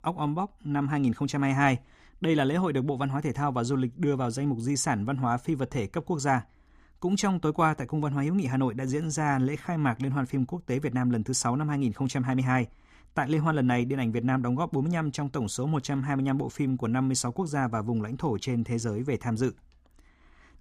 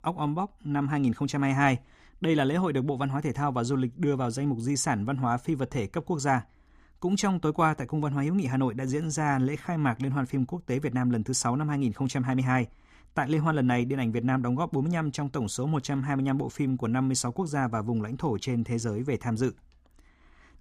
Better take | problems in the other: neither | none

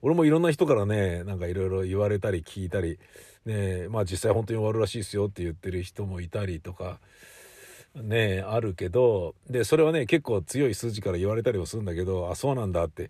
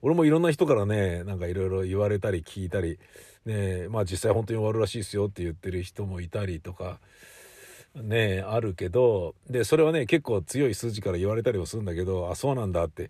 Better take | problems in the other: neither | none

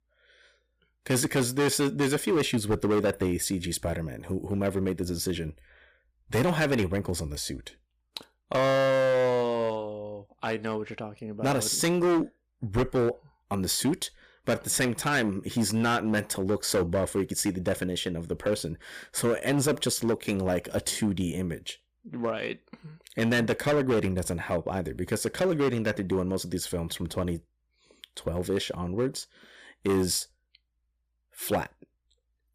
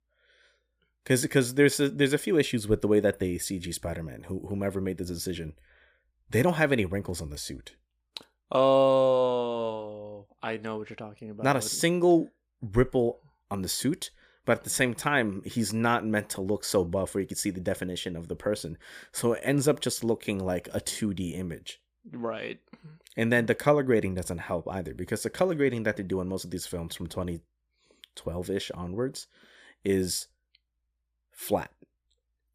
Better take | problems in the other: second | distortion; heavy; 8% of the sound clipped

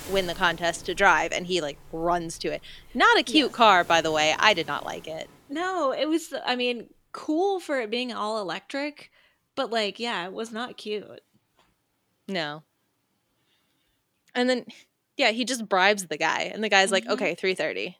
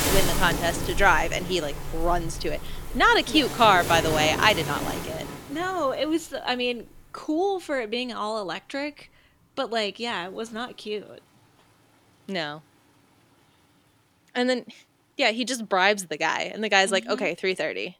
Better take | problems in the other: first | rain or running water; loud; throughout; 7 dB below the speech; faint in the first

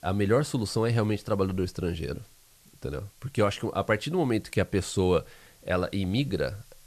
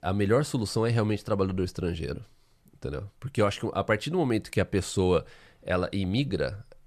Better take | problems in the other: second | hiss; faint; throughout; 30 dB below the speech

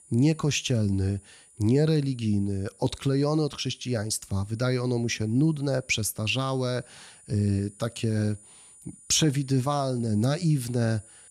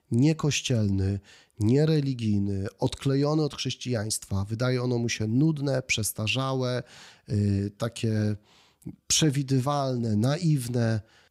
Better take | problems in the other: second | high-pitched whine; faint; throughout; 9.5 kHz, 25 dB below the speech

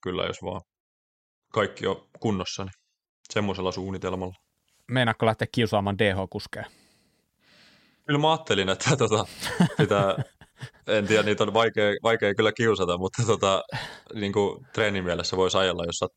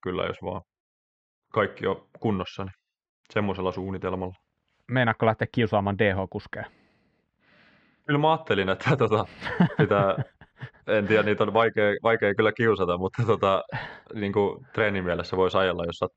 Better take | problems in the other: first | muffled; very; fading above 2 kHz

